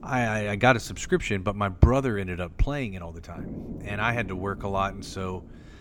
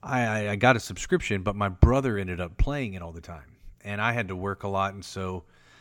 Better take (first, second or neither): second